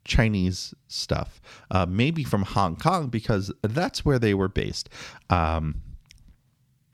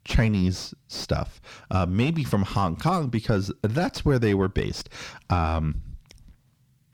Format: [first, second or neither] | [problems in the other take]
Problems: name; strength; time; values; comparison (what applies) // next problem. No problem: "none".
first | distortion; slight; 10 dB below the speech